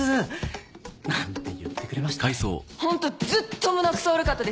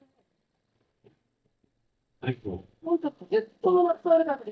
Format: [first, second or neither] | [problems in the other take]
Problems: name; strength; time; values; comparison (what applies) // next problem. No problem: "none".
first | noise reduction (neural mask model DeepFilterNet 3)